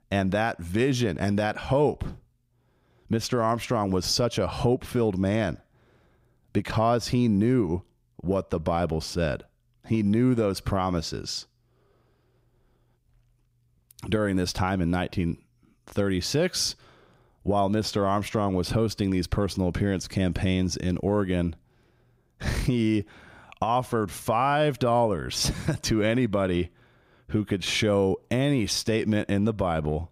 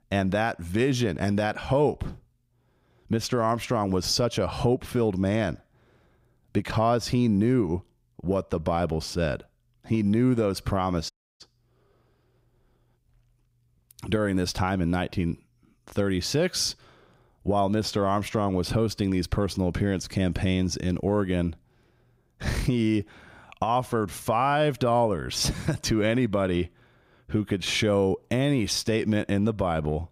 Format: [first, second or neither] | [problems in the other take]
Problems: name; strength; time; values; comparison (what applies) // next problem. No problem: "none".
first | audio cutting out; at 11 s